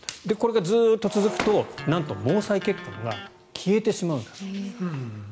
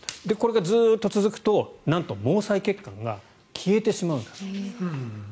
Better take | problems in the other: second | background sound (Electric guitar + Shatter); 12 dB below the speech

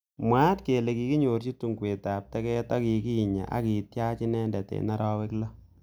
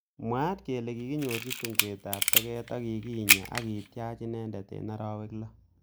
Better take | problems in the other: first | background sound (Camera); 5 dB above the speech

